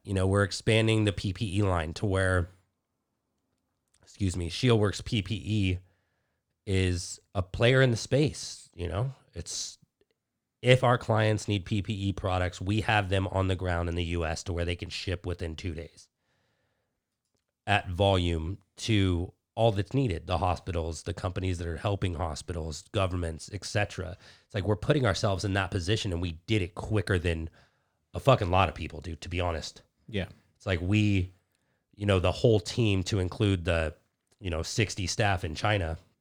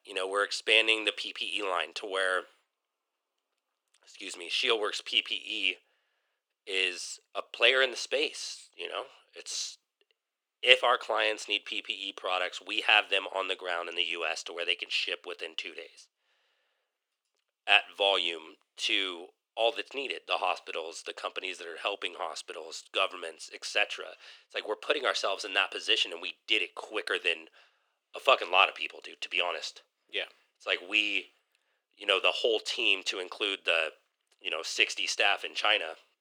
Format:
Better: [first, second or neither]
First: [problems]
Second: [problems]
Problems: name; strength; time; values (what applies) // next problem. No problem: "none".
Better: first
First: none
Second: thin; very; fading below 400 Hz